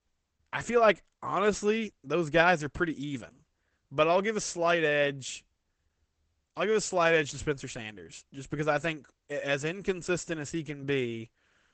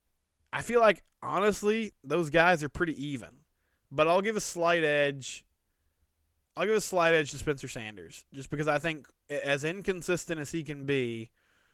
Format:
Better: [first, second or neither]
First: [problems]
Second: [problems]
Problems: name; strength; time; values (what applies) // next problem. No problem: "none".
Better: second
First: garbled, watery; badly; nothing above 8 kHz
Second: garbled, watery; slightly; nothing above 17 kHz